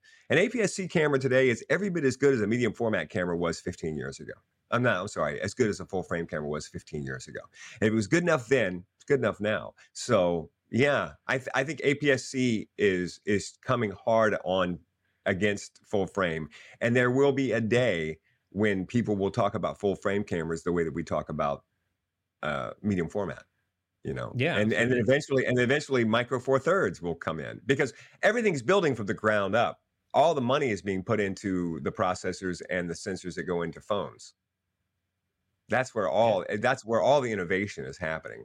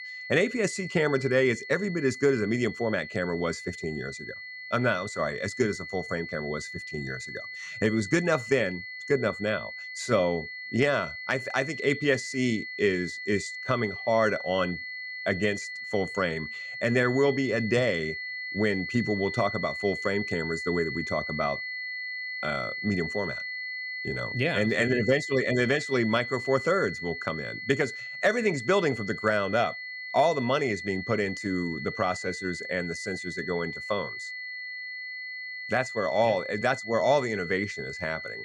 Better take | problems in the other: first | high-pitched whine; loud; throughout; 2 kHz, 7 dB below the speech

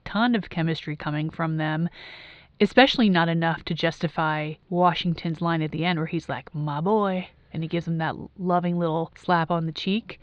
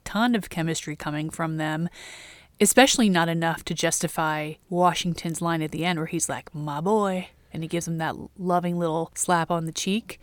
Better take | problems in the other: second | muffled; slightly; fading above 4 kHz

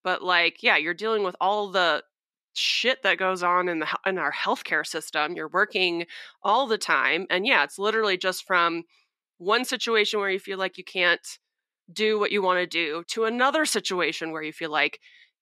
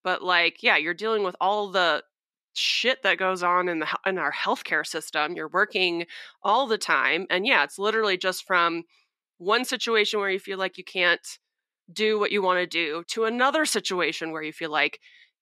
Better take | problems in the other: neither | thin; very slightly; fading below 250 Hz; the same in both

